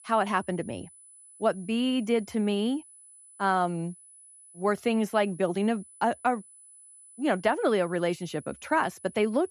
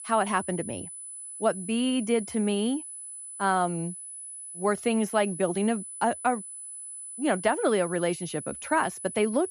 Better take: first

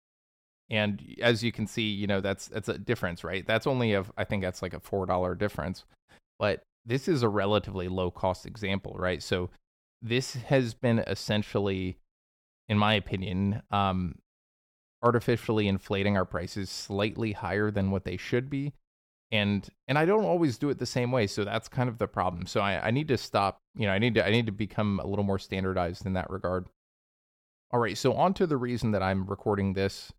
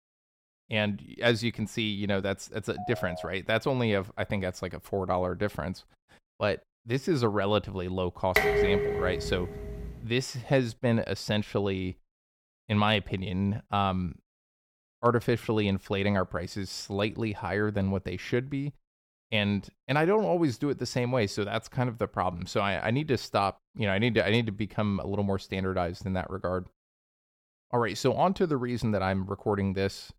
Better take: first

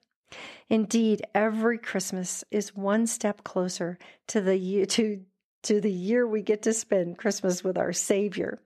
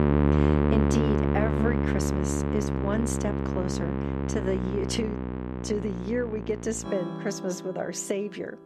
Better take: first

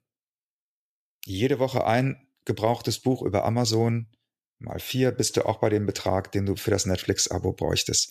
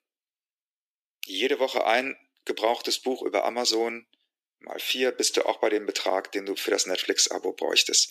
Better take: first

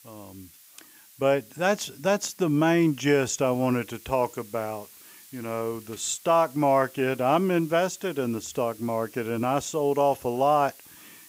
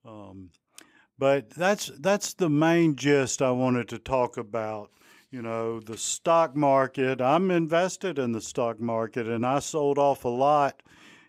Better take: second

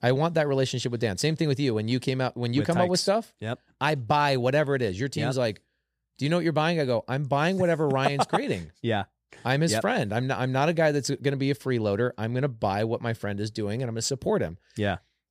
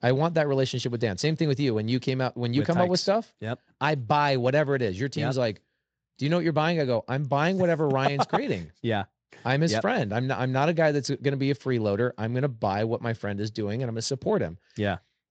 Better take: first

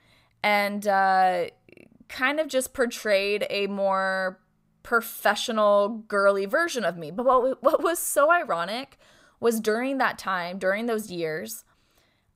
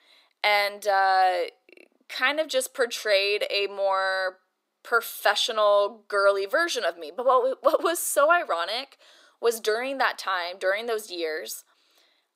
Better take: first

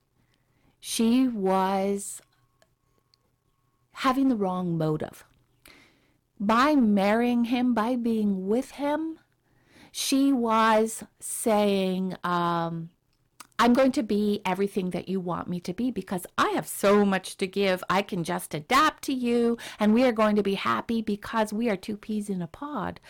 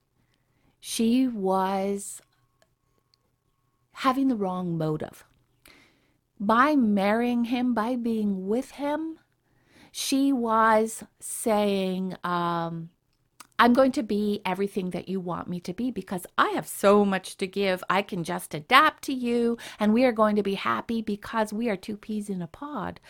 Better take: second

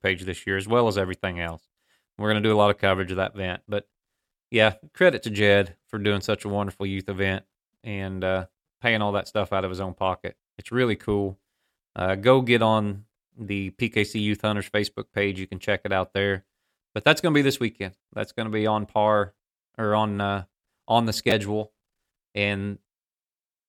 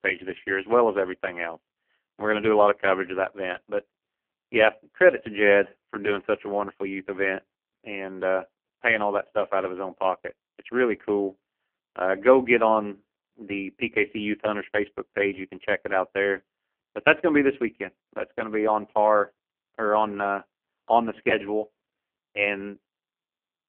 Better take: first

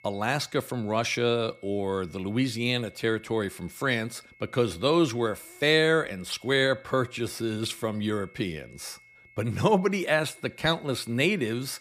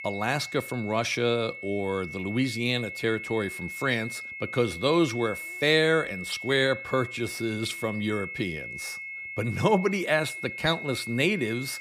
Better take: first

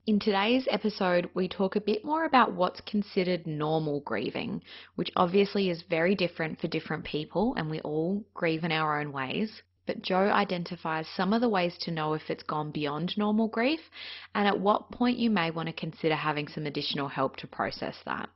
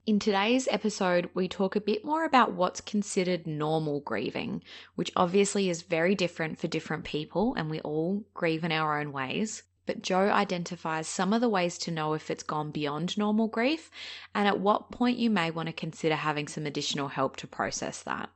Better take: second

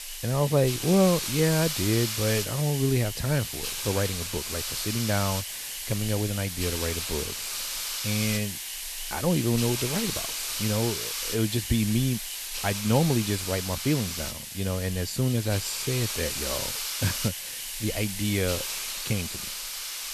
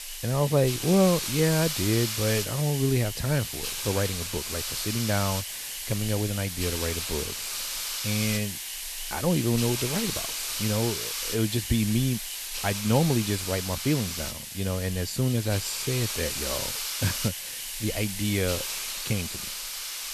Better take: neither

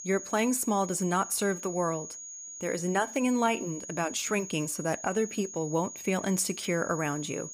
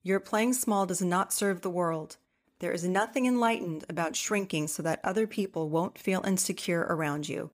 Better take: second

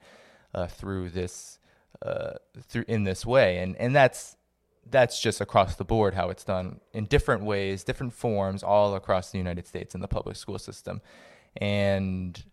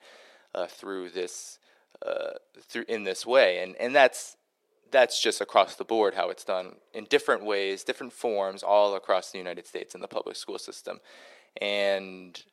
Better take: first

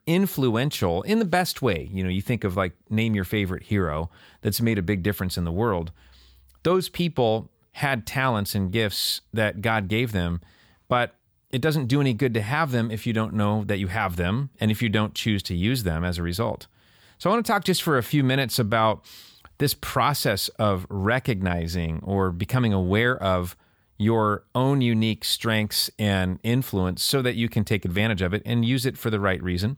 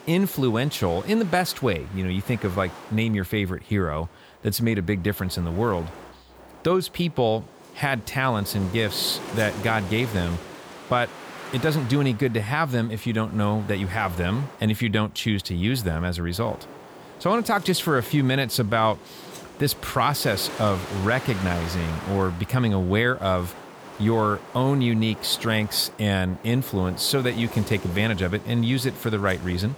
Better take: first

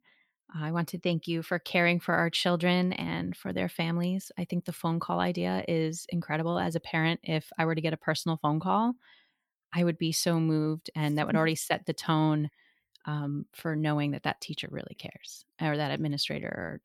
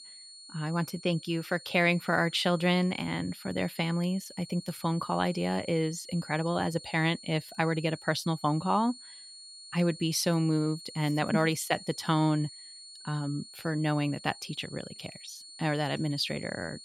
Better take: first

